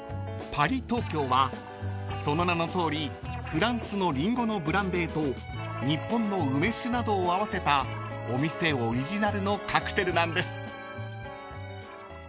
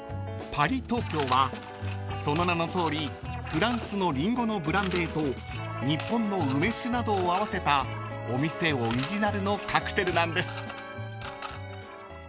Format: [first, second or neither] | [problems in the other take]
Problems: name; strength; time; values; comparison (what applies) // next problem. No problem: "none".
first | background sound (Coin (dropping) / Mechanisms); 16 dB below the speech